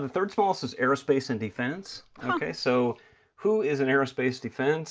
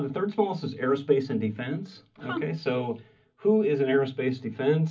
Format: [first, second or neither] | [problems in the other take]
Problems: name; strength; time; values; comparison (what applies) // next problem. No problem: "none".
first | room echo; dies away in 0.4 s